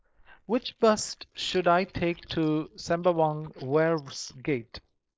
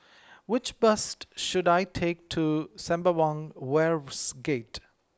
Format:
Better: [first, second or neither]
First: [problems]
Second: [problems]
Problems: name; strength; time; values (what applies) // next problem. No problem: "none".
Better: second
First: noise reduction (neural mask model Resemble Enhance denoiser)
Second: none